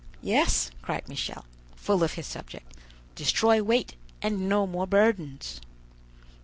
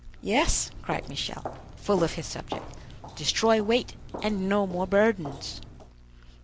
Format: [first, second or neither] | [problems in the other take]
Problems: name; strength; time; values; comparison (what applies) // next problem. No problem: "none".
first | background sound (Walk, footsteps); 14 dB below the speech